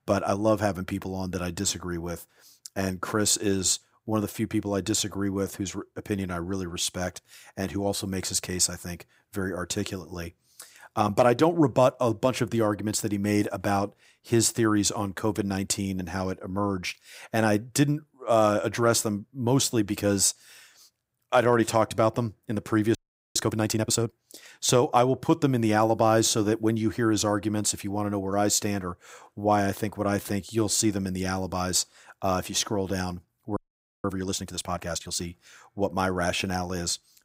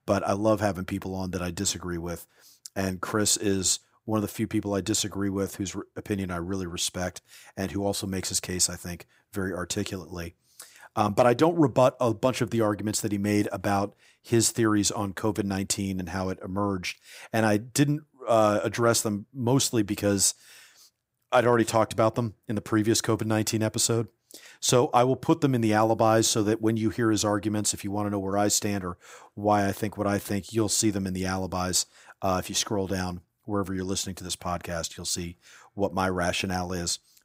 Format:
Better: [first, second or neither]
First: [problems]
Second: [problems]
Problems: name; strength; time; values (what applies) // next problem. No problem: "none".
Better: second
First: audio freezing; at 23 s and at 34 s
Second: none